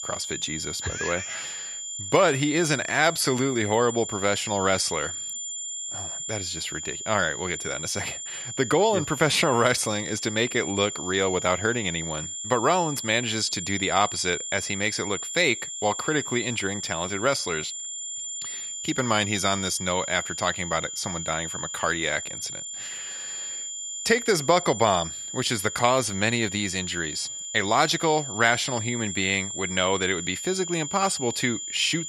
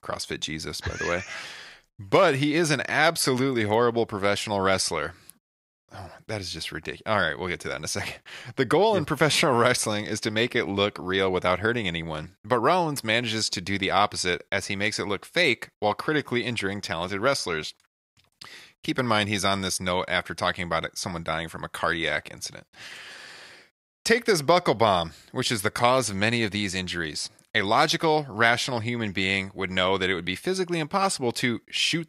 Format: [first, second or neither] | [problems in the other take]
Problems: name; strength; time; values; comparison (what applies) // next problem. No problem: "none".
second | high-pitched whine; loud; throughout; 7 kHz, 6 dB below the speech